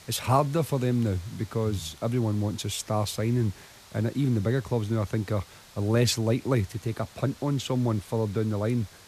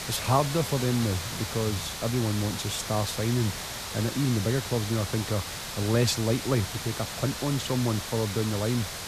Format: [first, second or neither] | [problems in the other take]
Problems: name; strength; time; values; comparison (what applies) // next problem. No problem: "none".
first | hiss; loud; throughout; 5 dB below the speech; faint in the first